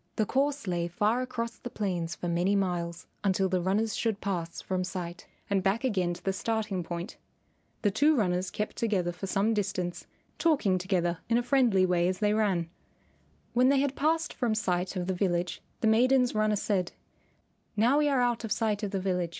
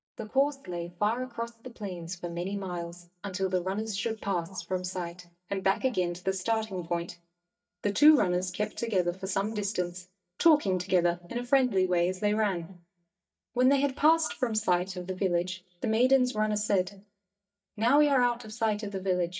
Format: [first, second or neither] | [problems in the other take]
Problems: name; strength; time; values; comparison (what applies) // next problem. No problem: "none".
first | noise reduction (neural mask model DeepFilterNet 3)